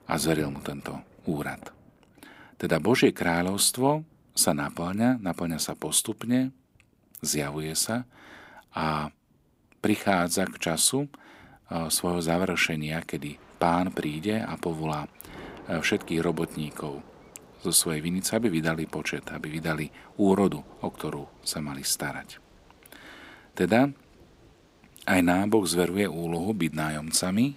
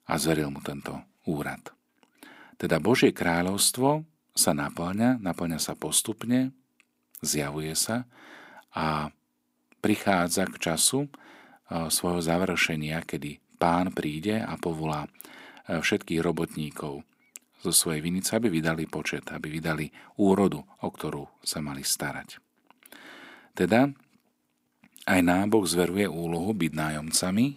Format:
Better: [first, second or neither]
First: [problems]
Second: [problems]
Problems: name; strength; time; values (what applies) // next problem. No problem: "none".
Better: second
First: rain or running water; faint; throughout; 25 dB below the speech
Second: none